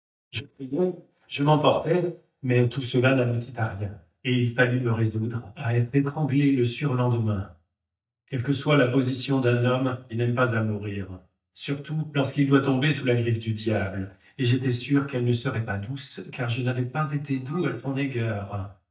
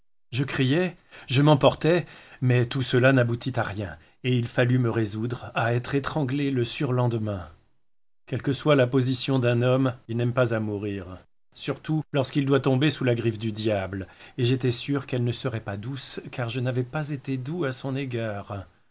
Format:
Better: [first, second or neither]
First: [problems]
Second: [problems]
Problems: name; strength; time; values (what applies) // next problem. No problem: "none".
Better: second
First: noise reduction (neural mask model DeepFilterNet 3)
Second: none